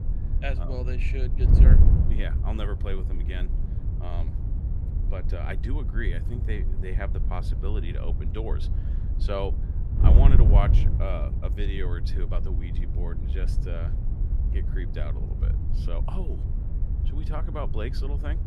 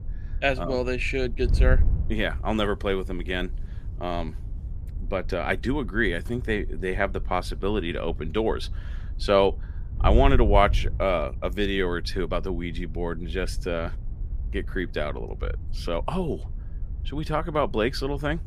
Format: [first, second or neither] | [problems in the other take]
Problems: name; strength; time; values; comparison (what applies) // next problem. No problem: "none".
second | wind noise on the microphone; heavy; 5 dB below the speech; occasional gusts in the second